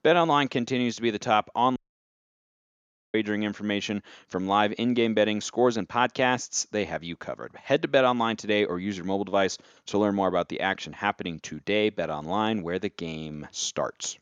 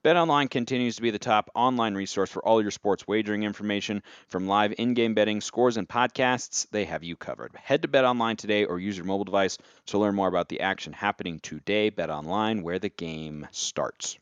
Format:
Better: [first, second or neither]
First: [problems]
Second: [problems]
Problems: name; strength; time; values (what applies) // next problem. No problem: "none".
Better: second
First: audio cutting out; at 2 s for 1.5 s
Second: none